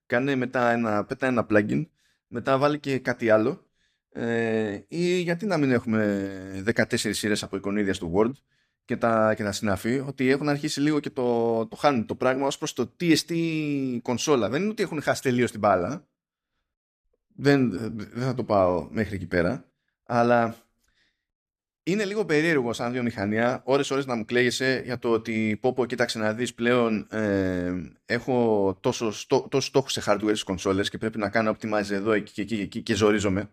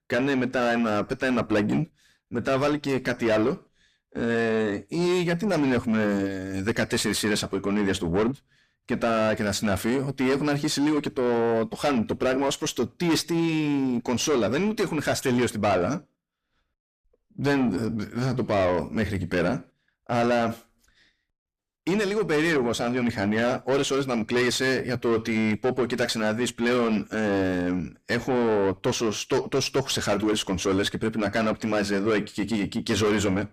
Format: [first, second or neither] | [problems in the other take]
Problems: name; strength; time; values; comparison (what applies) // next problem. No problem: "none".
first | distortion; heavy; 6 dB below the speech